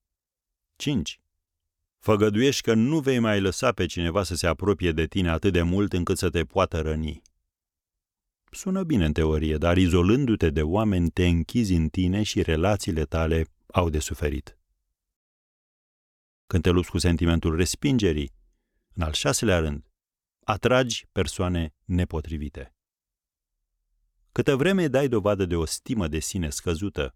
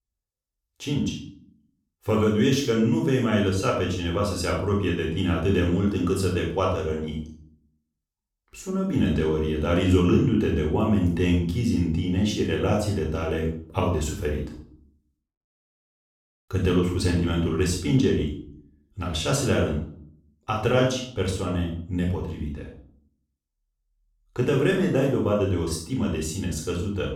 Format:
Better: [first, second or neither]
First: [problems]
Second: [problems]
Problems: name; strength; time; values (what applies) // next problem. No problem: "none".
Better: first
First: none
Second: room echo; noticeable; dies away in 0.5 s // off-mic speech; far